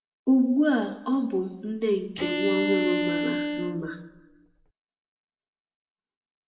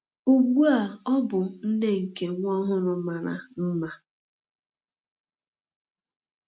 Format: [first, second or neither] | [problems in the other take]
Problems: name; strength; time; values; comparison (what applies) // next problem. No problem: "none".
second | background sound (Bowed string instrument); 2 dB below the speech // room echo; dies away in 0.7 s